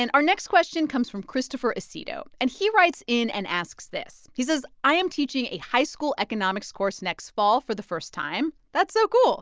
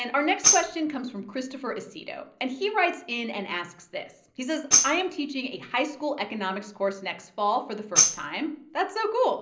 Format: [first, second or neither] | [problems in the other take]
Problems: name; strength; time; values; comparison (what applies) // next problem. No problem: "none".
first | background sound (Tambourine); 2 dB above the speech // room echo; dies away in 0.5 s